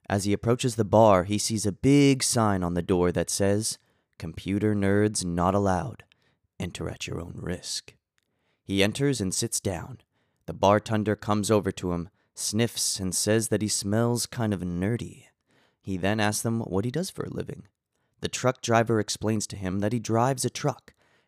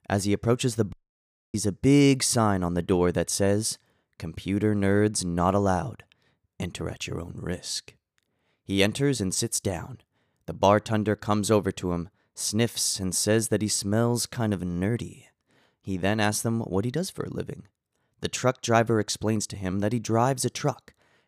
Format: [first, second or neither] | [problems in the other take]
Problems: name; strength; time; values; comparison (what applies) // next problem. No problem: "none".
first | audio cutting out; at 1 s for 0.5 s